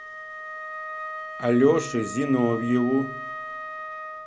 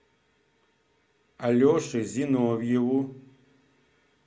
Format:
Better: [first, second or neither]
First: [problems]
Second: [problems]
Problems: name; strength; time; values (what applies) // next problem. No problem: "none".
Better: second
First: background sound (Wind instrument, woodwind instrument); 10 dB below the speech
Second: none